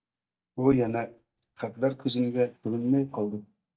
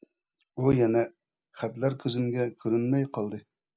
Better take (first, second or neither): second